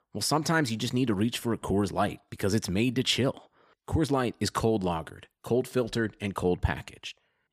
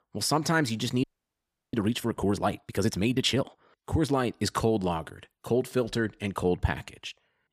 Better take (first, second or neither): first